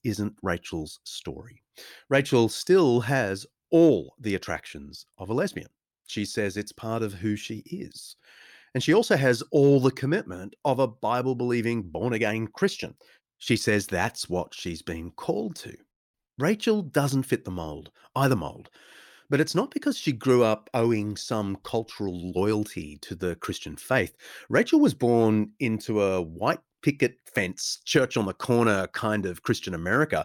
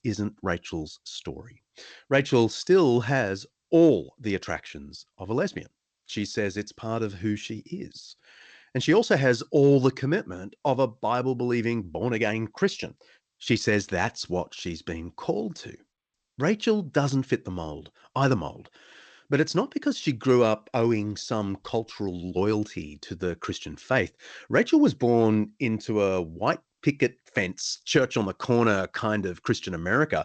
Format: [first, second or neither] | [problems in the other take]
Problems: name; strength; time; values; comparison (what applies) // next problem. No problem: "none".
first | garbled, watery; slightly